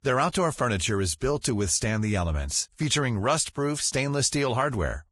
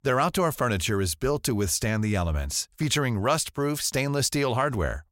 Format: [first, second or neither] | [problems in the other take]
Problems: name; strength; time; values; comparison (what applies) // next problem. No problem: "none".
second | garbled, watery; badly; nothing above 10.5 kHz